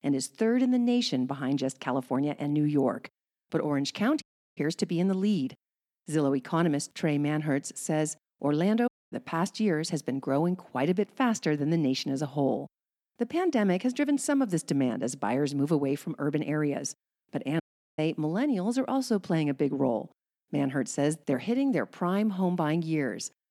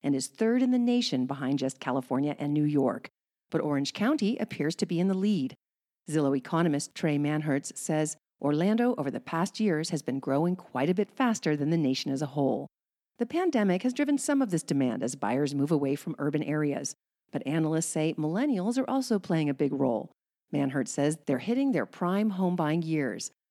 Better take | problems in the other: second | audio cutting out; at 4 s, at 9 s and at 18 s

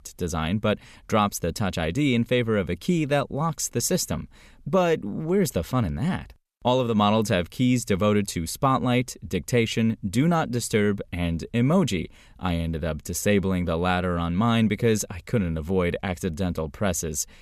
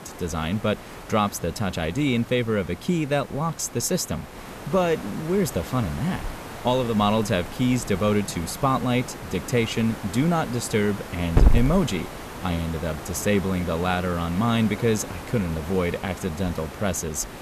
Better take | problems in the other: first | hiss; loud; throughout; 9 dB below the speech

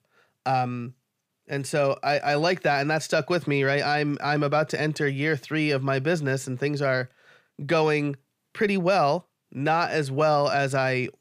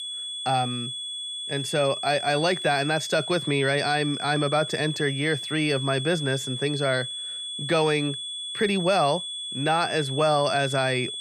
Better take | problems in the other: first | high-pitched whine; loud; throughout; 3.5 kHz, 6 dB below the speech

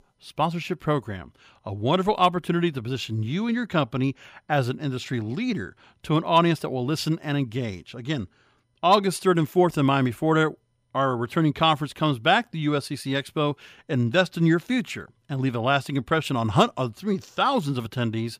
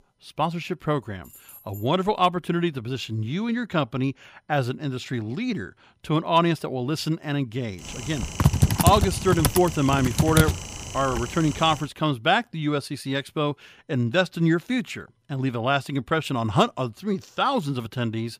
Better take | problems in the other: first | jangling keys; faint; at 1 s; peak 20 dB below the speech // keyboard typing; loud; from 8 to 11 s; peak 5 dB above the speech

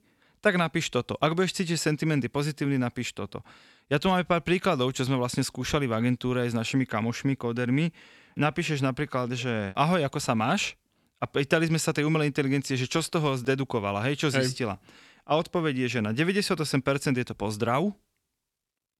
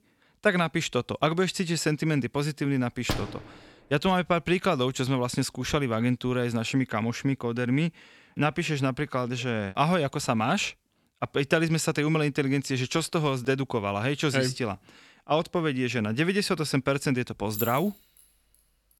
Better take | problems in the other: first | door banging; noticeable; at 3 s; peak 6 dB below the speech // jangling keys; noticeable; at 18 s; peak 7 dB below the speech

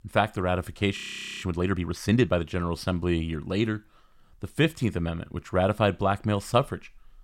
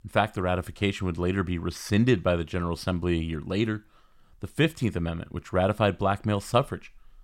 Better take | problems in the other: second | audio freezing; at 1 s

